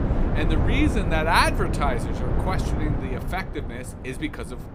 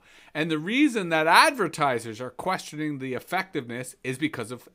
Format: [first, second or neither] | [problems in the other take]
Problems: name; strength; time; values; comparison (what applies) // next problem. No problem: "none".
second | wind noise on the microphone; heavy; 8 dB below the speech